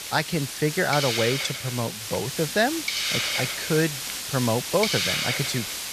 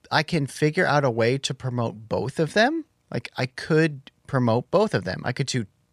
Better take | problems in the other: second | hiss; loud; throughout; as loud as the speech

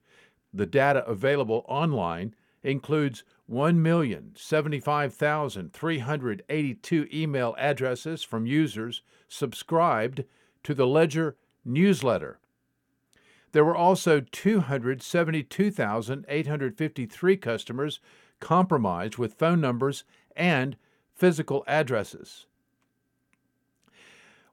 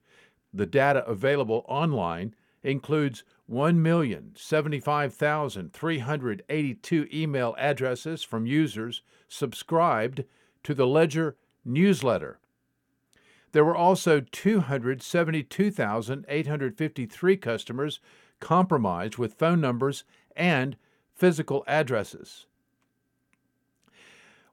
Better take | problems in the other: neither | none

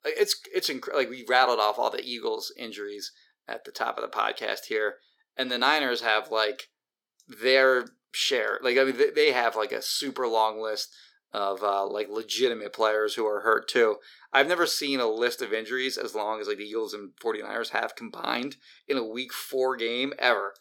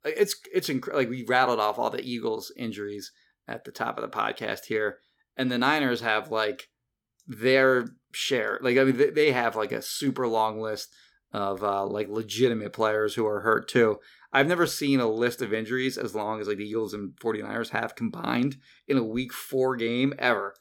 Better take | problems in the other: second | thin; somewhat; fading below 500 Hz

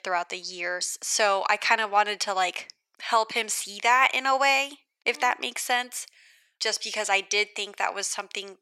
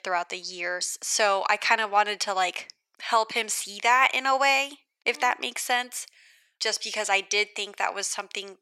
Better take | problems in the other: neither | thin; very; fading below 850 Hz; the same in both

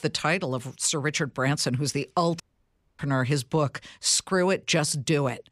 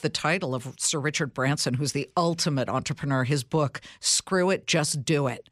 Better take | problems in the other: second | audio cutting out; at 2.5 s for 0.5 s

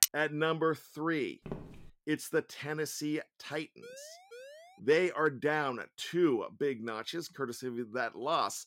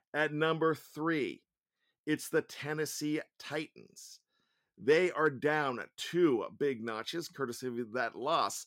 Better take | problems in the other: second | clattering dishes; very faint; at the start; peak 5 dB above the speech // footsteps; faint; at 1.5 s; peak 10 dB below the speech // siren; faint; at 4 s; peak 15 dB below the speech

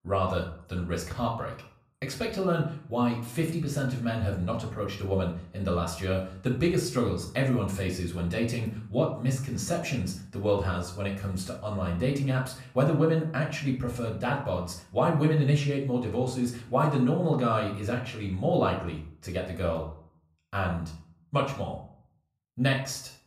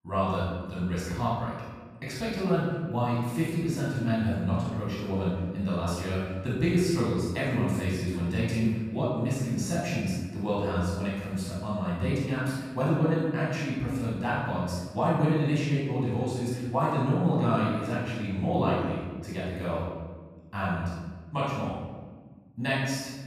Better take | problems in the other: first | room echo; strong; dies away in 1.3 s; slight in the first // off-mic speech; far; far in the first

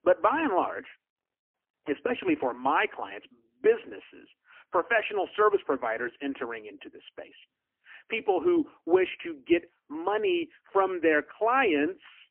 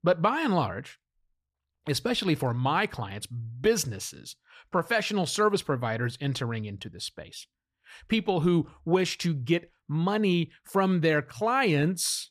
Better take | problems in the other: second | phone-call audio; poor line; nothing above 3 kHz

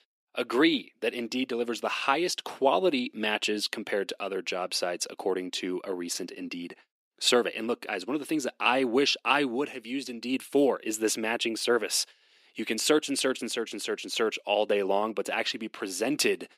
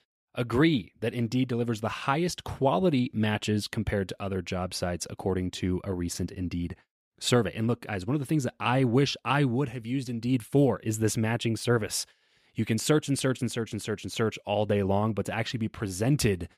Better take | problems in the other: second | thin; somewhat; fading below 300 Hz

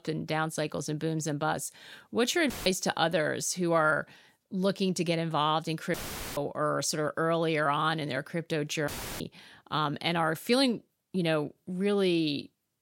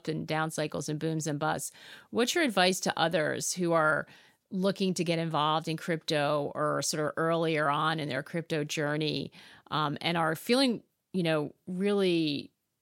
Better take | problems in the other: second | audio cutting out; filled with static; at 2.5 s, at 6 s and at 9 s

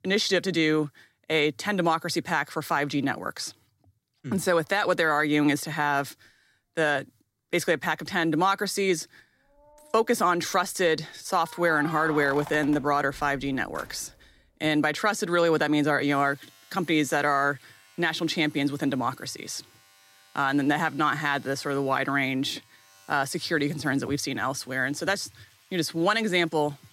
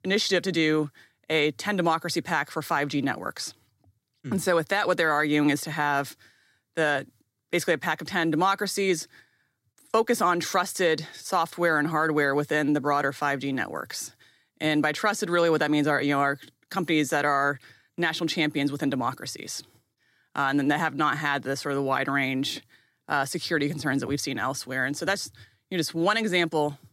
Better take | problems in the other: second | household noises; faint; throughout; 20 dB below the speech

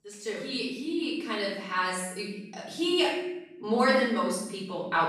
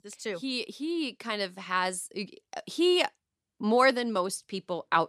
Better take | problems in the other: second | off-mic speech; far // room echo; noticeable; dies away in 1 s

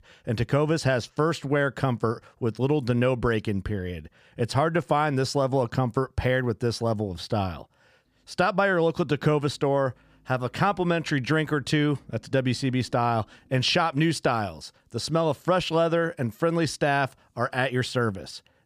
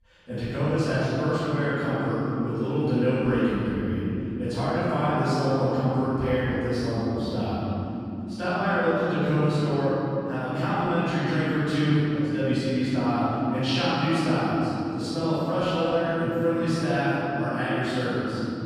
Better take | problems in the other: first | room echo; strong; dies away in 3 s // off-mic speech; far

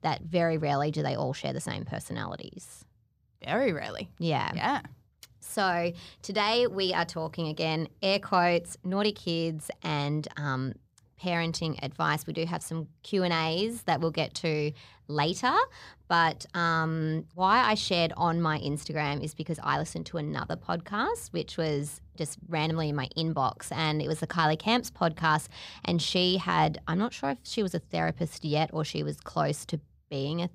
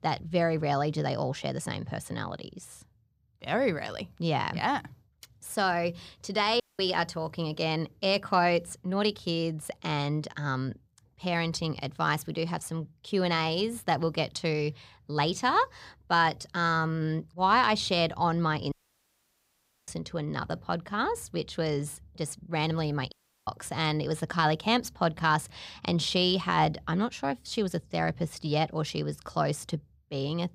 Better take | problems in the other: first | audio cutting out; at 6.5 s, at 19 s for 1 s and at 23 s

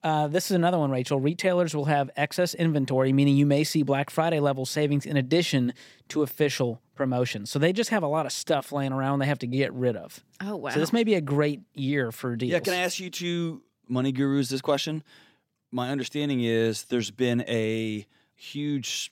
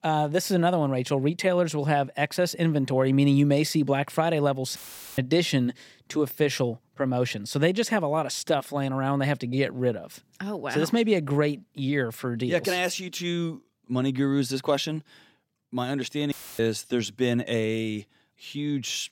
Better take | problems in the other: first | audio cutting out; filled with static; at 5 s and at 16 s

